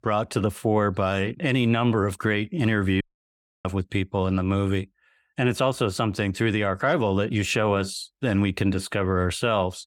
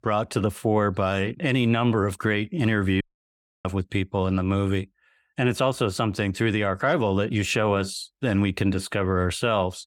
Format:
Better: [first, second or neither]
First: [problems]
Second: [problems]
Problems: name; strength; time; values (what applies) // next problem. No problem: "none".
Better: neither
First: audio cutting out; at 3 s for 0.5 s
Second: audio cutting out; at 3 s for 0.5 s